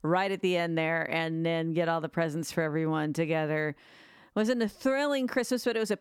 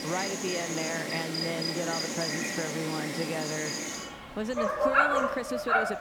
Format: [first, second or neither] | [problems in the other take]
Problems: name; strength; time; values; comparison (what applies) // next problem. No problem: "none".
first | animal sounds; very loud; throughout; 4 dB above the speech